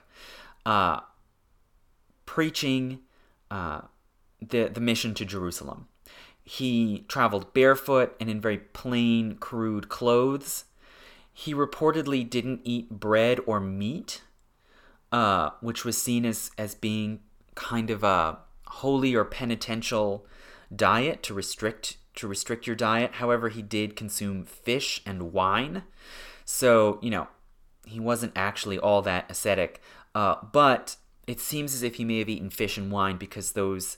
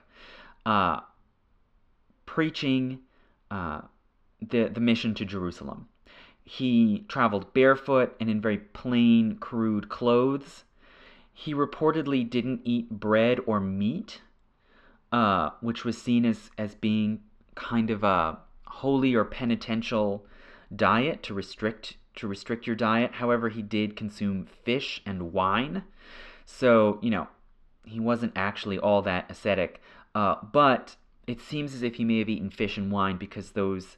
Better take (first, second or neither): first